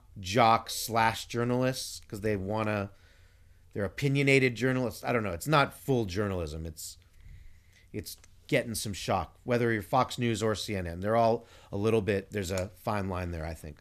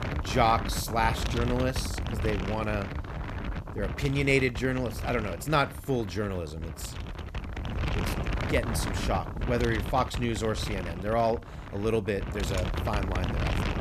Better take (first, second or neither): first